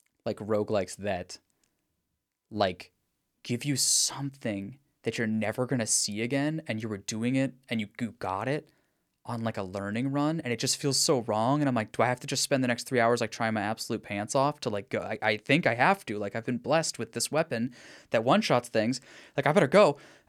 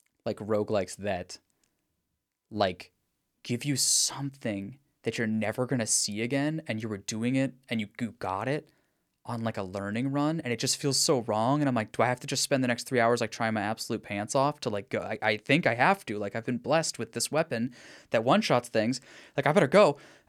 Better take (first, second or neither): neither